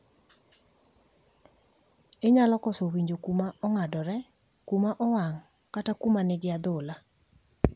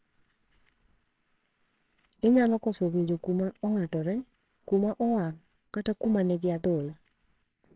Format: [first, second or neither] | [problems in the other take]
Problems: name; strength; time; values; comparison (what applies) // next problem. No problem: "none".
first | noise reduction (neural separator model SepFormer WHAMR!)